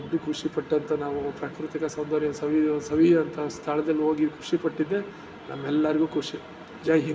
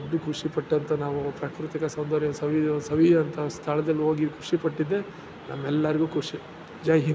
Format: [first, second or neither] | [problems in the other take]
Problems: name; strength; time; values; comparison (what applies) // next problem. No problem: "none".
second | room echo; dies away in 0.5 s